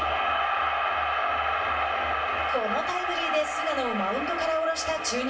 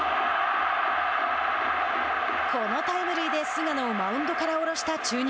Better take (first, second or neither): second